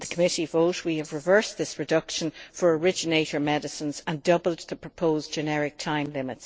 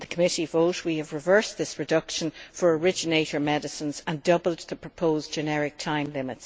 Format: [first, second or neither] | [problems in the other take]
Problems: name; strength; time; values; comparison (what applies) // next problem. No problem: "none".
second | noise reduction (neural separator model SepFormer DNS4)